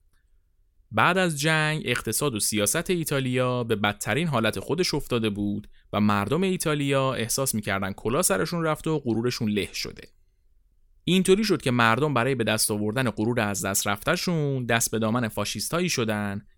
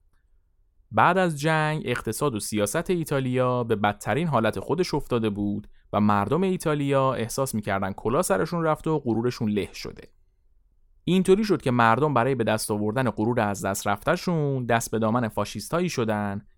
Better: first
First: none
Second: muffled; slightly; fading above 1.5 kHz

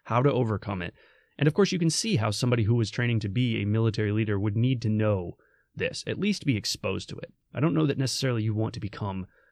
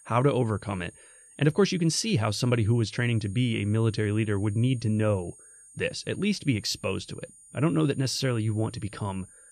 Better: first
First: none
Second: high-pitched whine; faint; throughout; 8.5 kHz, 25 dB below the speech

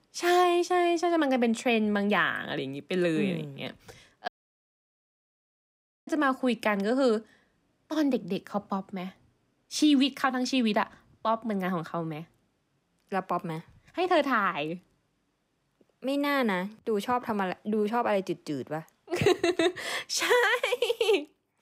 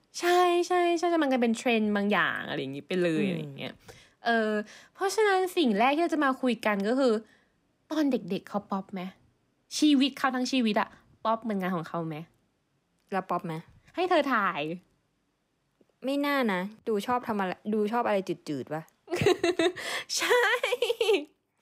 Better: second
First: audio cutting out; at 4.5 s for 2 s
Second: none

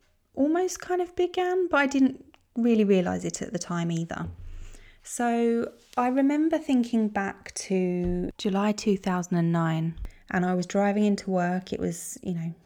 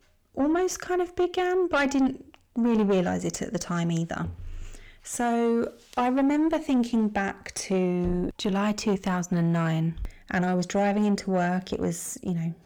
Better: first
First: none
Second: distortion; slight; 10 dB below the speech

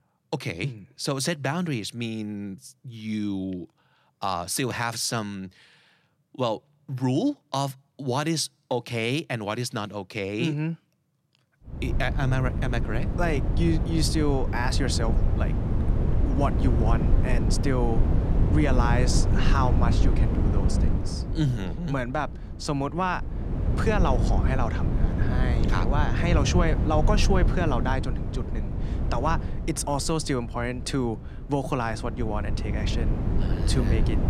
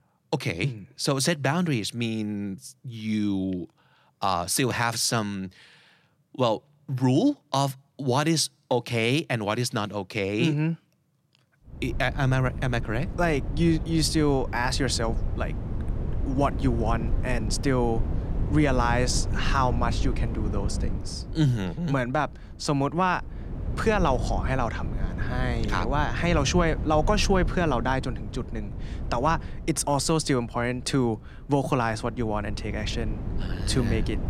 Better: second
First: wind noise on the microphone; heavy; from 12 s on; 7 dB below the speech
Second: wind noise on the microphone; occasional gusts; from 12 s on; 15 dB below the speech

